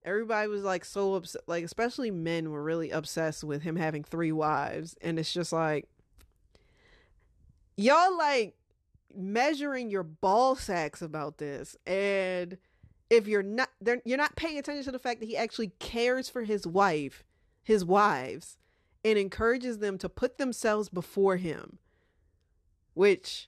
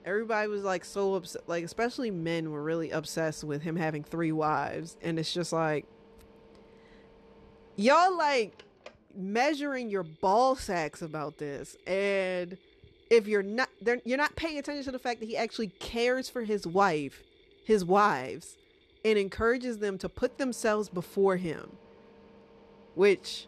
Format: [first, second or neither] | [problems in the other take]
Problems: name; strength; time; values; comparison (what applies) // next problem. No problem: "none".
first | machinery noise; faint; throughout; 30 dB below the speech